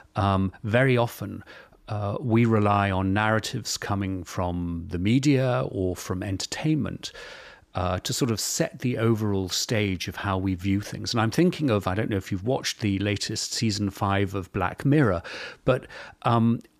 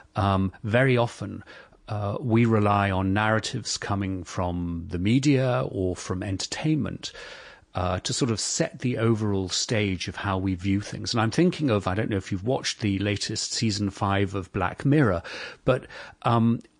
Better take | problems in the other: first | garbled, watery; slightly; nothing above 8 kHz

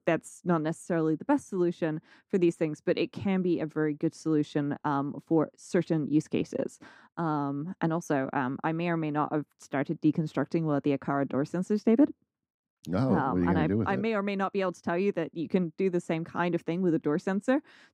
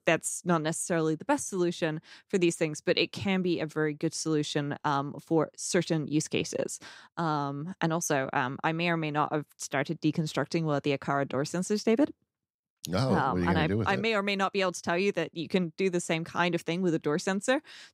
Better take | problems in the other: second | muffled; slightly; fading above 2.5 kHz

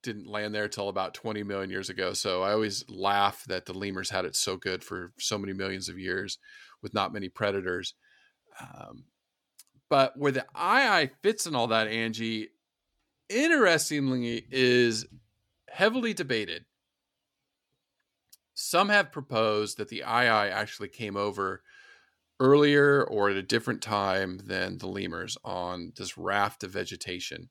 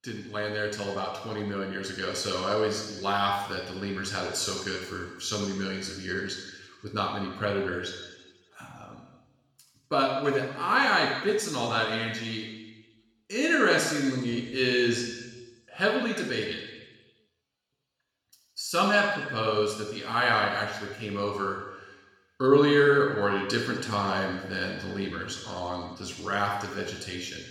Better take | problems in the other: first | room echo; noticeable; dies away in 1.1 s // off-mic speech; somewhat distant

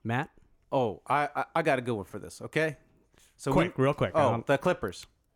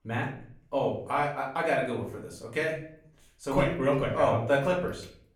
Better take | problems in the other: first | room echo; slight; dies away in 0.5 s // off-mic speech; far

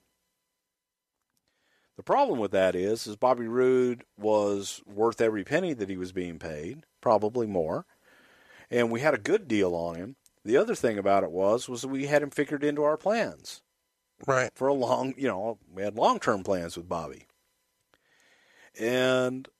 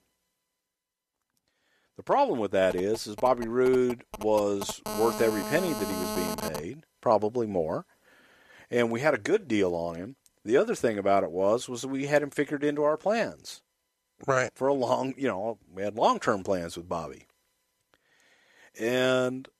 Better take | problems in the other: first | phone ringing; noticeable; from 2.5 to 6.5 s; peak 4 dB below the speech

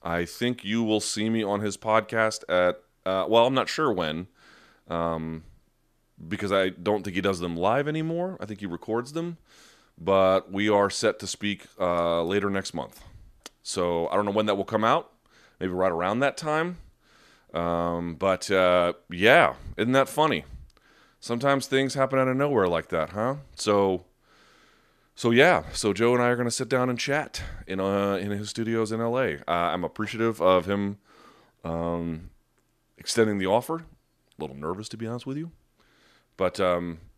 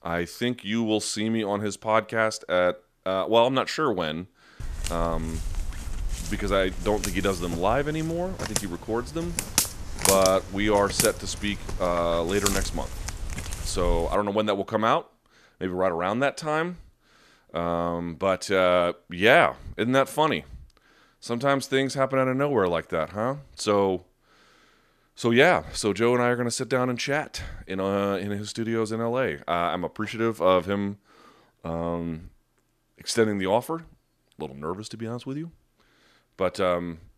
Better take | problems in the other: first | footsteps; loud; from 4.5 to 14 s; peak 3 dB above the speech

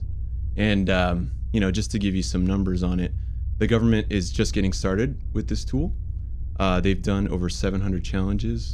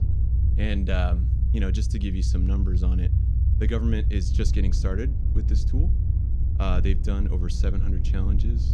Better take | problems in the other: first | low rumble; loud; throughout; 6 dB below the speech; faint in the first

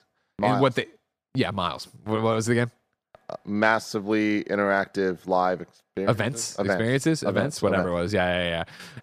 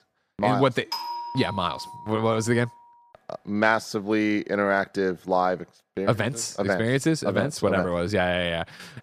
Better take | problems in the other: first | doorbell; noticeable; from 1 to 2.5 s; peak 6 dB below the speech

